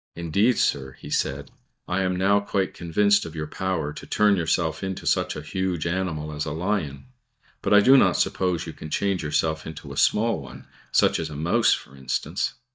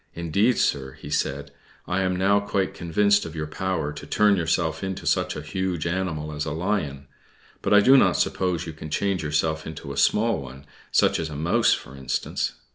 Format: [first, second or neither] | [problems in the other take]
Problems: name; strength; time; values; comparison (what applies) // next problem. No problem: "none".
second | noise reduction (neural mask model DeepFilterNet 3)